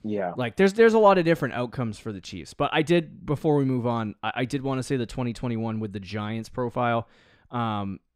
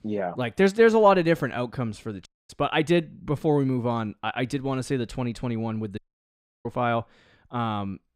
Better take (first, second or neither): first